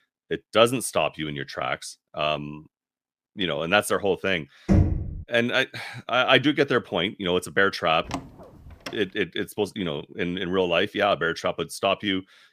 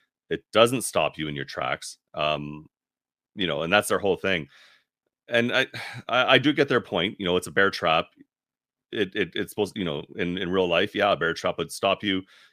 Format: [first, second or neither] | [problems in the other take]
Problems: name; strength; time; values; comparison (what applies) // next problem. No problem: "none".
second | door banging; loud; at 4.5 s; peak 3 dB above the speech // door banging; faint; at 8 s; peak 10 dB below the speech